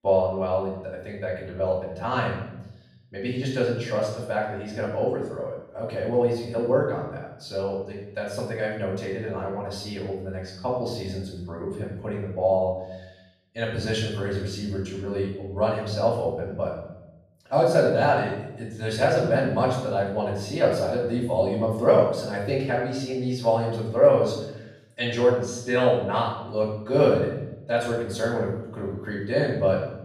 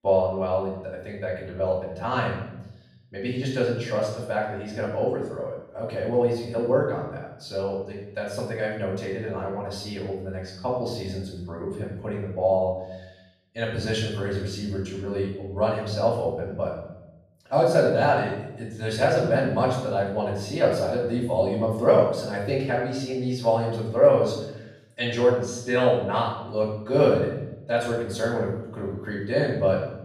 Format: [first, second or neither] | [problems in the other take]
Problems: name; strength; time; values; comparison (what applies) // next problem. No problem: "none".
neither | off-mic speech; far; the same in both // room echo; noticeable; dies away in 0.9 s; the same in both